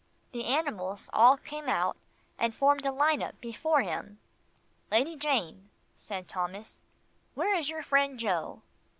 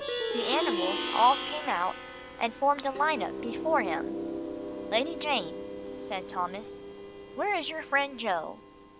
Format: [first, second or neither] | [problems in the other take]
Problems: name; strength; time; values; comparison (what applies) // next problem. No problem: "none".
first | background sound (Plucked string instrument); 5 dB below the speech